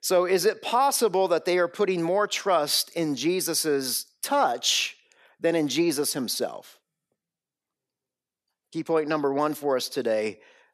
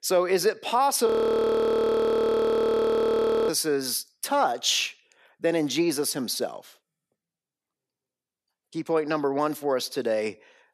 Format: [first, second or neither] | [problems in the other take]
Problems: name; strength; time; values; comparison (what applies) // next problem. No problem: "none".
first | audio freezing; at 1 s for 2.5 s